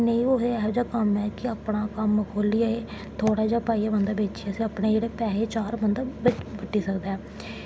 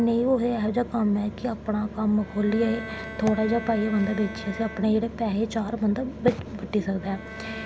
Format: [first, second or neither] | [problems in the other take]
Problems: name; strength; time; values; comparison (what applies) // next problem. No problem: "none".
first | background sound (Bowed string instrument); 16 dB below the speech